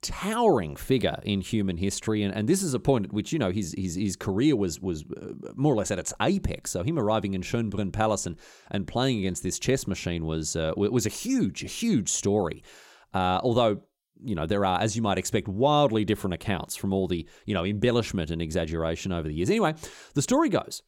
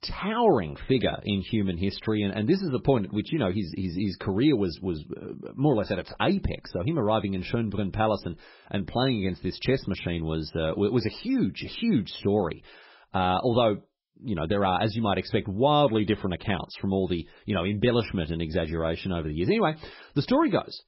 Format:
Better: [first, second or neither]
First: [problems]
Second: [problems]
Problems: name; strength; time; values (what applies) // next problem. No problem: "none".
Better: first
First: none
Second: garbled, watery; badly; nothing above 5.5 kHz